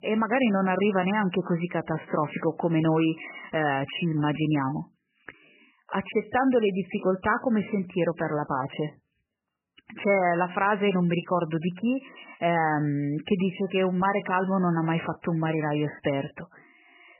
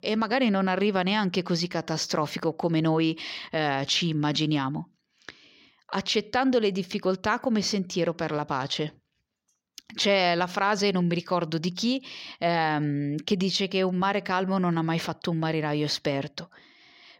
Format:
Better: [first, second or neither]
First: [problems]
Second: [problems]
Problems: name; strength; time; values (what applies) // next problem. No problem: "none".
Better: second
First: garbled, watery; badly; nothing above 3 kHz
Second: none